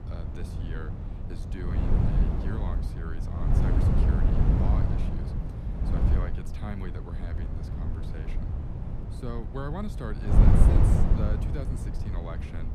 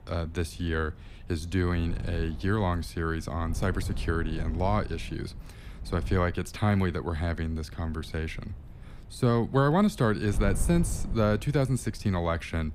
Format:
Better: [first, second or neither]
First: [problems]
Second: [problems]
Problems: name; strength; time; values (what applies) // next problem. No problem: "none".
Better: second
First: wind noise on the microphone; heavy; 4 dB above the speech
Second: wind noise on the microphone; occasional gusts; 20 dB below the speech